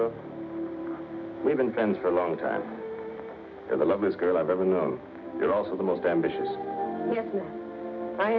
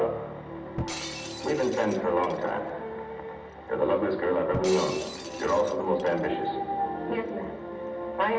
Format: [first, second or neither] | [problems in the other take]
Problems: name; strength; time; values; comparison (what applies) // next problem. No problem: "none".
first | background sound (Shatter); 14 dB below the speech // room echo; dies away in 2.6 s